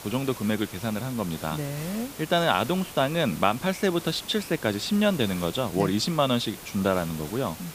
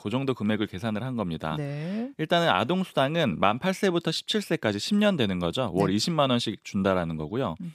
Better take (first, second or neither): second